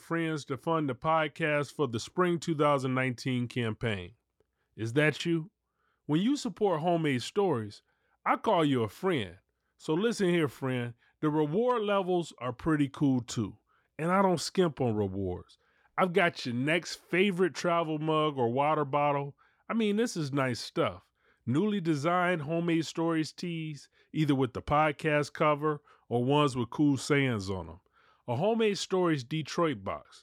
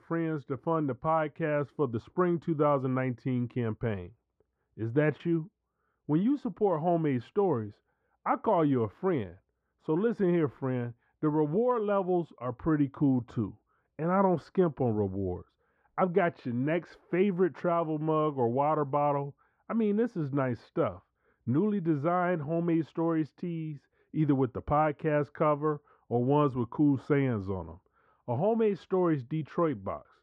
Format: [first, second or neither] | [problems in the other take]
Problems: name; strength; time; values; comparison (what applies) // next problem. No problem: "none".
first | muffled; very; fading above 3 kHz